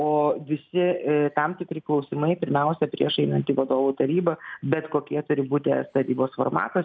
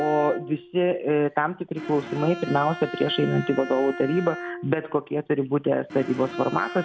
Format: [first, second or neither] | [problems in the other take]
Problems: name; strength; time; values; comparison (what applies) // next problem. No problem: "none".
first | background sound (Bowed string instrument); 12 dB below the speech